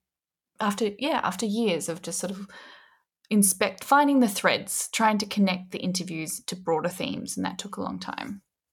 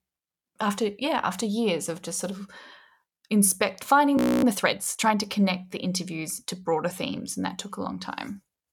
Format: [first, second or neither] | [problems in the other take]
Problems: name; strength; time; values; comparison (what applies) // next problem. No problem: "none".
first | audio freezing; at 4 s